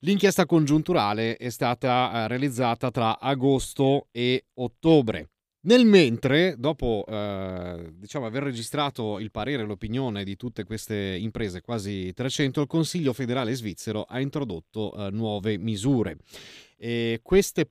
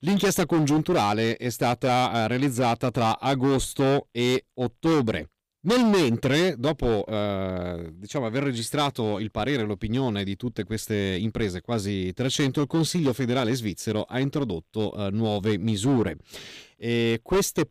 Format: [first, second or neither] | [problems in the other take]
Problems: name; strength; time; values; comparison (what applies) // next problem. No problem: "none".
first | distortion; heavy; 10% of the sound clipped